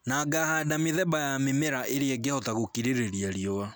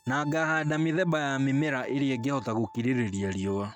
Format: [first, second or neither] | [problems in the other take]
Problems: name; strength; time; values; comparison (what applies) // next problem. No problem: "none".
first | noise reduction (neural mask model RNNoise)